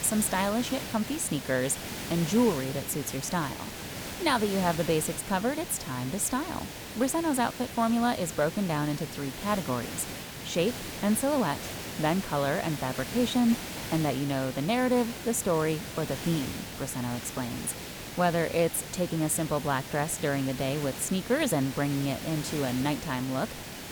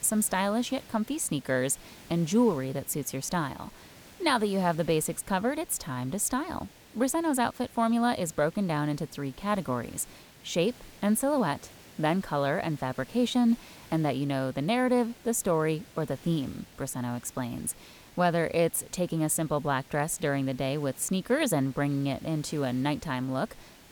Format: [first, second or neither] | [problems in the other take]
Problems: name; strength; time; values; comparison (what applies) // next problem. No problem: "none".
second | hiss; loud; throughout; 8 dB below the speech; faint in the second